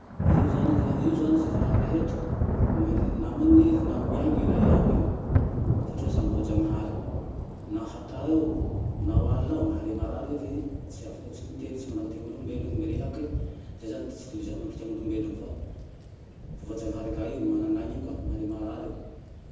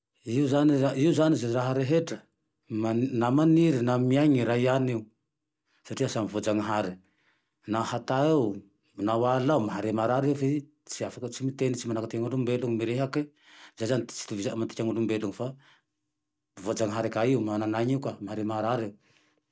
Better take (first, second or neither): second